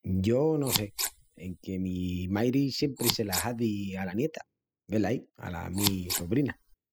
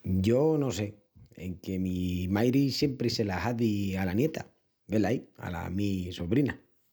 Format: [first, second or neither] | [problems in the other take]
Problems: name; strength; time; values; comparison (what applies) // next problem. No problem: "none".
second | noise reduction (classical method spectral subtraction)